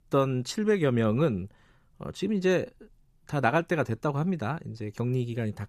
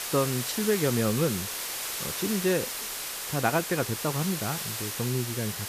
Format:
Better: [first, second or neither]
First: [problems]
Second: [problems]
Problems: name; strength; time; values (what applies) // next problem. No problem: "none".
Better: first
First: none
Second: hiss; loud; throughout; 3 dB below the speech